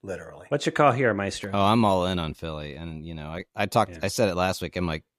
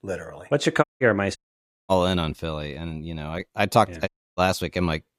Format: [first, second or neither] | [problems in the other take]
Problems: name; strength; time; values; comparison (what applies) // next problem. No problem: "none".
first | audio cutting out; at 1 s, at 1.5 s for 0.5 s and at 4 s